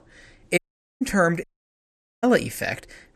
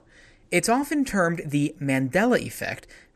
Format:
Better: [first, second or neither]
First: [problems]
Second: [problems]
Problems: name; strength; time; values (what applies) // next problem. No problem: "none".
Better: second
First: audio cutting out; at 0.5 s and at 1.5 s for 1 s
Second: none